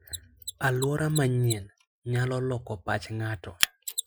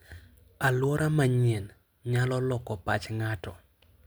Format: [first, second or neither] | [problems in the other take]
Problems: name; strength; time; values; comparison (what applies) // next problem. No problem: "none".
second | noise reduction (classical method Wiener filter)